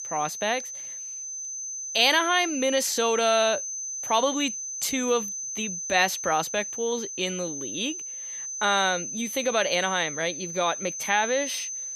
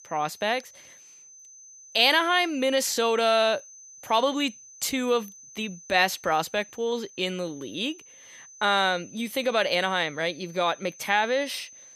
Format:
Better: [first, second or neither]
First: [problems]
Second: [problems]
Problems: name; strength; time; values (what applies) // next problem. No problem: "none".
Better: second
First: high-pitched whine; loud; throughout; 6 kHz, 6 dB below the speech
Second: high-pitched whine; faint; throughout; 6 kHz, 20 dB below the speech